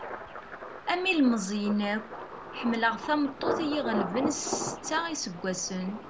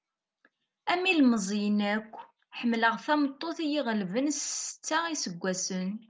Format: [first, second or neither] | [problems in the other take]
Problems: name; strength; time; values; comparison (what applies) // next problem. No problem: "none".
second | background sound (Thunder); 7 dB below the speech